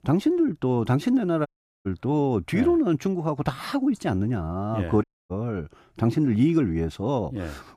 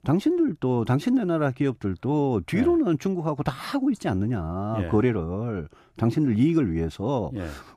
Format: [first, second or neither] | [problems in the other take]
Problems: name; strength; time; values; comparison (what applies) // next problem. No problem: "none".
second | audio cutting out; at 1.5 s and at 5 s